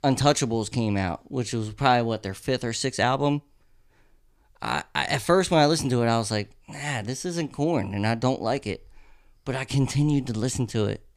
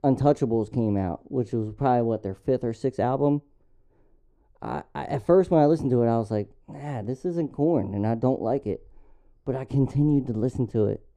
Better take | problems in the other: first | muffled; very; fading above 1.5 kHz

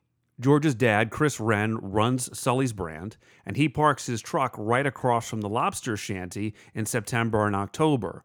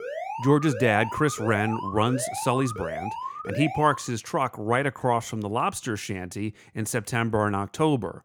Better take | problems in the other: first | alarm; noticeable; until 4 s; peak 7 dB below the speech

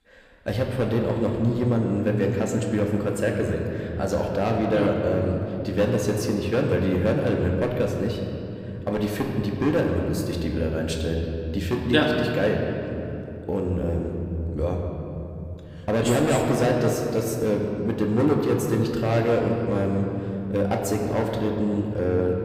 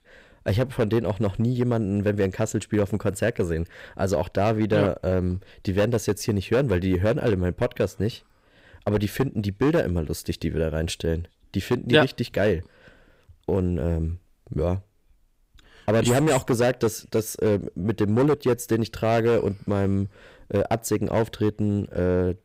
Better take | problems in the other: second | room echo; noticeable; dies away in 2.8 s

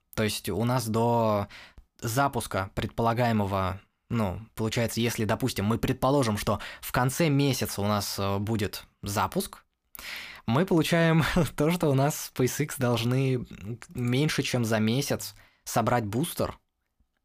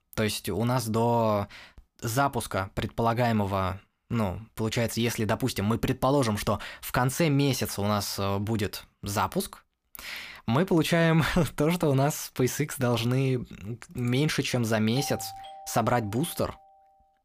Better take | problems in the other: first | doorbell; faint; from 15 to 17 s; peak 10 dB below the speech

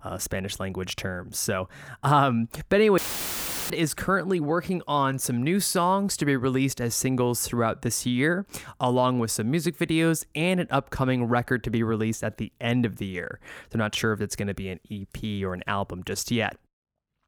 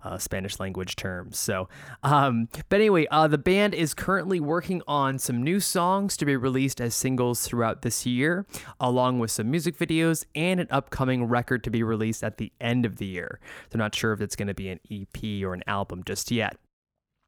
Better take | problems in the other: second | audio cutting out; filled with static; at 3 s for 0.5 s

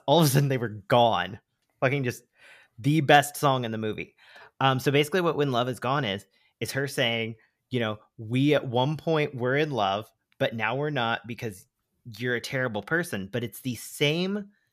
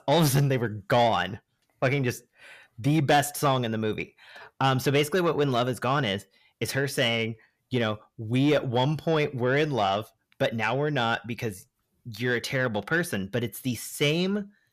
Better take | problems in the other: first | distortion; slight; 10 dB below the speech

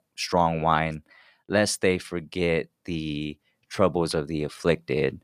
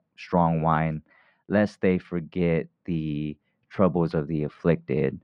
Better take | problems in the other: first | muffled; very; fading above 2 kHz

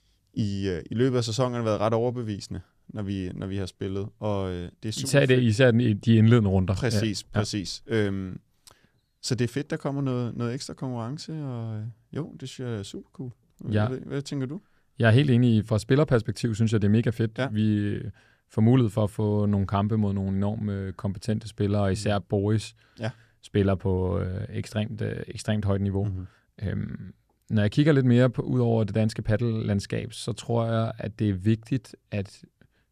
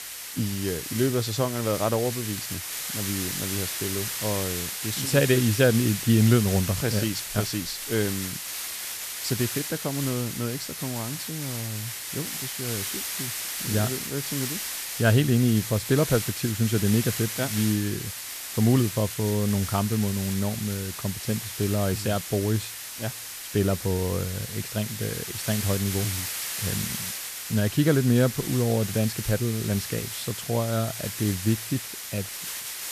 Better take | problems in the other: first | hiss; loud; throughout; 5 dB below the speech

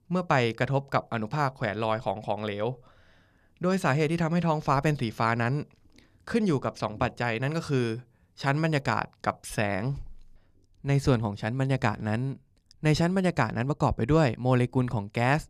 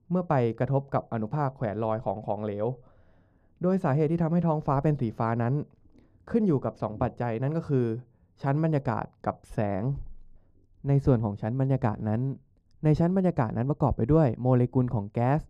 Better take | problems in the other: first | muffled; very; fading above 1.5 kHz

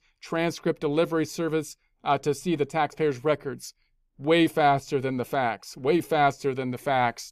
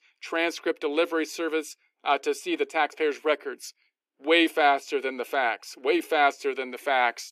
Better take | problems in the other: first | thin; somewhat; fading below 300 Hz

